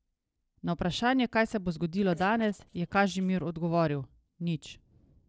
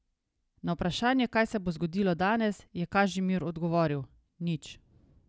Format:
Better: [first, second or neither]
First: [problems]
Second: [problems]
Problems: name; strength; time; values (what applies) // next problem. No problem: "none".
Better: second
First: noise reduction (neural separator model SepFormer DNS4)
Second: none